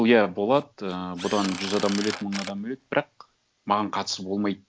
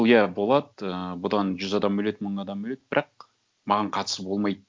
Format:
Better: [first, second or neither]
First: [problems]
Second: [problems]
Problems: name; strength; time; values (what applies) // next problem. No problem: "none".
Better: second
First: background sound (Drill); 14 dB below the speech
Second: none